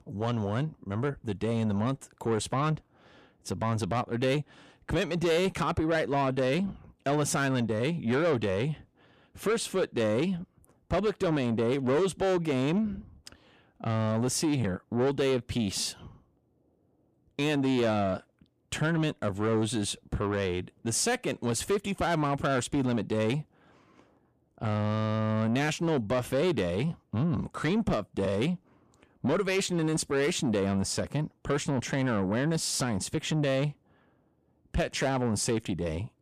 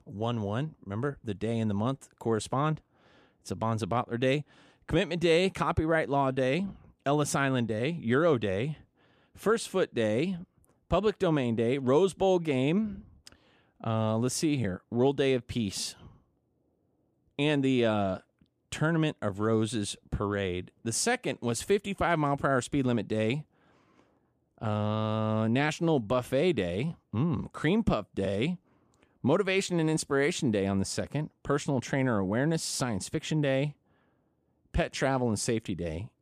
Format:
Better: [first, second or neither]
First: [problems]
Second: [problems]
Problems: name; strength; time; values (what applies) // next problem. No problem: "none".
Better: second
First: distortion; slight; 10 dB below the speech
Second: none